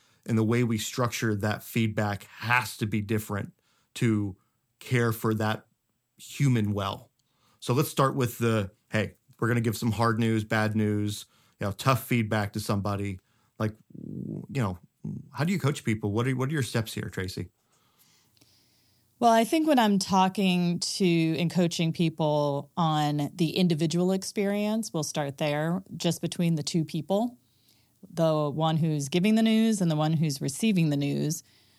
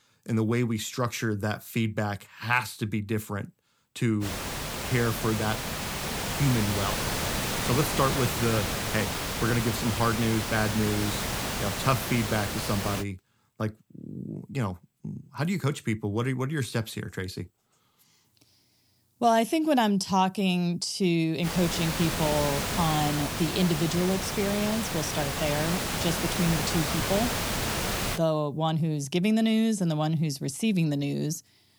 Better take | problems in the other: first | hiss; loud; from 4 to 13 s and from 21 to 28 s; 2 dB below the speech

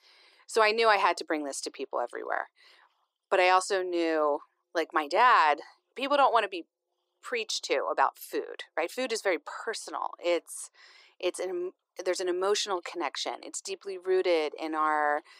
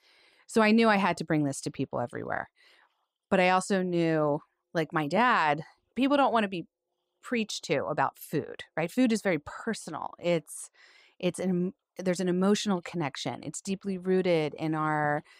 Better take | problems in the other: second | thin; very; fading below 350 Hz

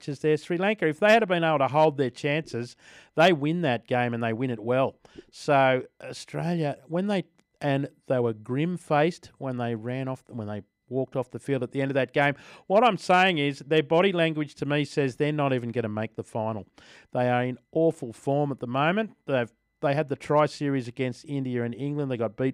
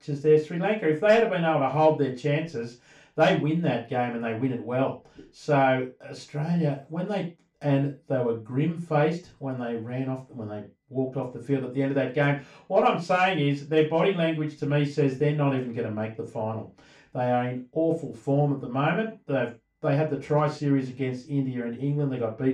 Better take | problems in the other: first | room echo; slight; dies away in 0.2 s // off-mic speech; far

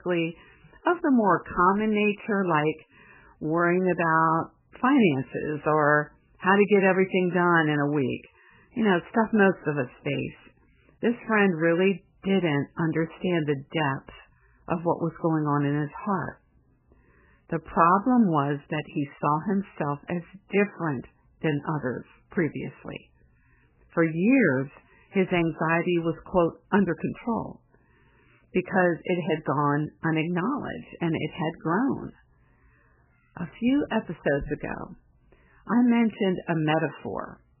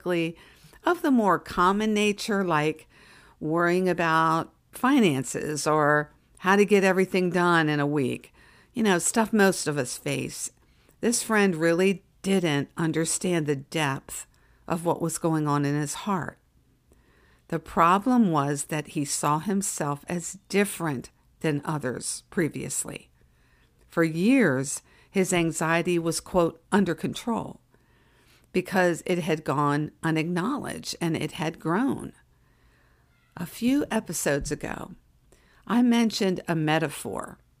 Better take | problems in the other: second | garbled, watery; badly; nothing above 3 kHz

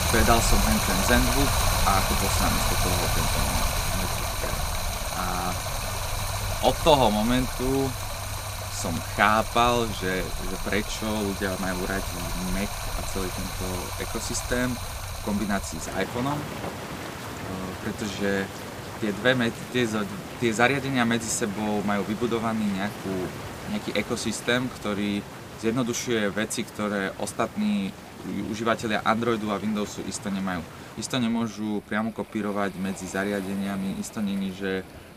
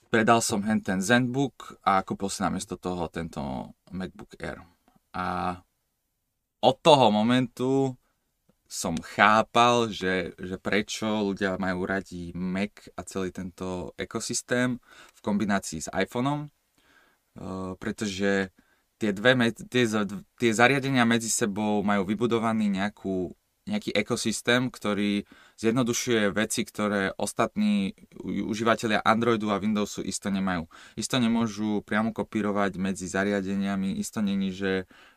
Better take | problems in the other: second | rain or running water; loud; throughout; 3 dB below the speech

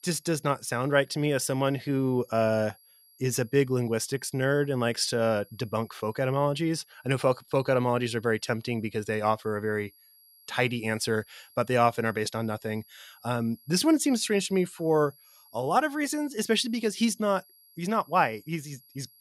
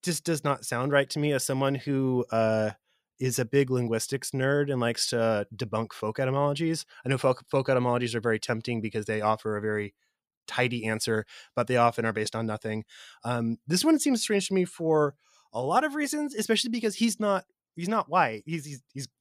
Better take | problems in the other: second | high-pitched whine; faint; throughout; 11.5 kHz, 30 dB below the speech

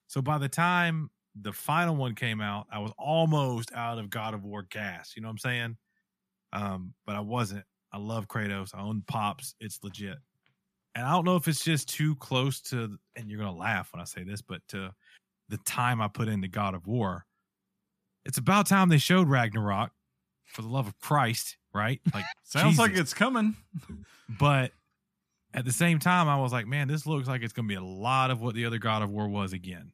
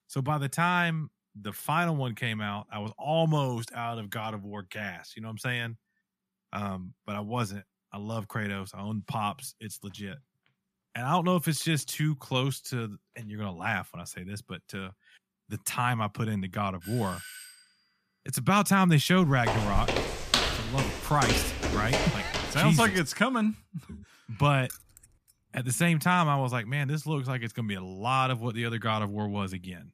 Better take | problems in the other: first | doorbell; faint; at 17 s; peak 15 dB below the speech // footsteps; loud; from 19 to 23 s; peak 4 dB above the speech // jangling keys; faint; at 25 s; peak 15 dB below the speech

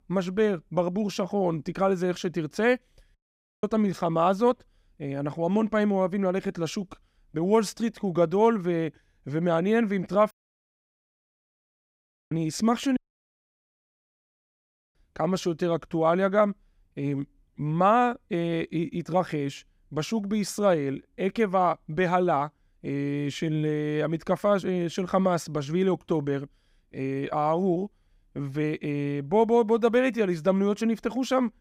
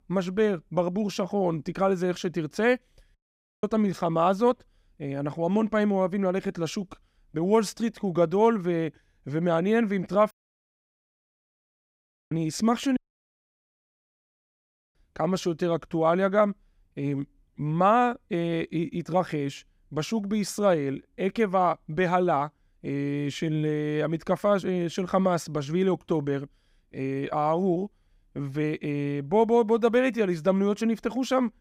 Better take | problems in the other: neither | audio cutting out; at 3 s, at 10 s for 2 s and at 13 s for 2 s; the same in both

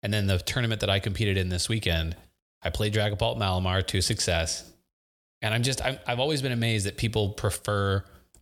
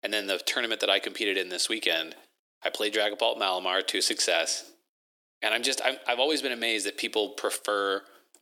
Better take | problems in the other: first | thin; very; fading below 300 Hz

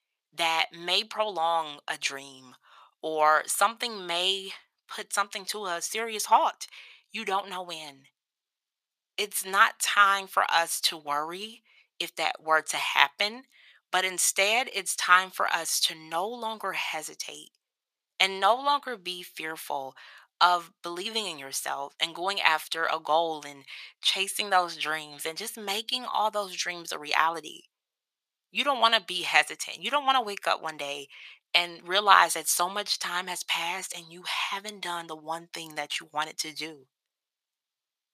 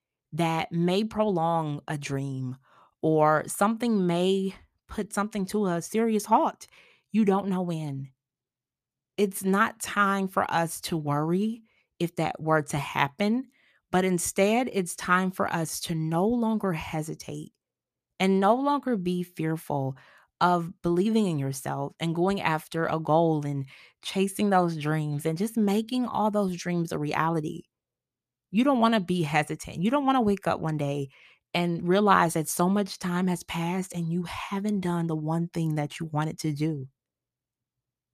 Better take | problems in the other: second | thin; very; fading below 900 Hz

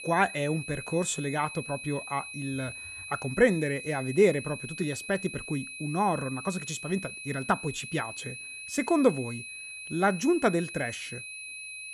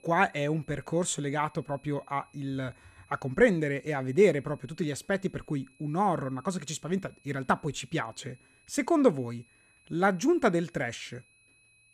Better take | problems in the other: second | high-pitched whine; loud; throughout; 2.5 kHz, 9 dB below the speech; faint in the second

